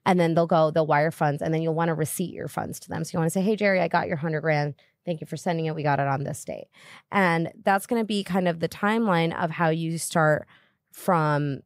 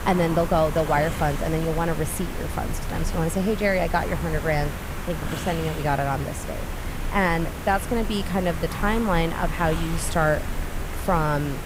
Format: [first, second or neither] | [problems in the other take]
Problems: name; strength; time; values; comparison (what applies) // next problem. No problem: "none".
first | hiss; loud; throughout; 7 dB below the speech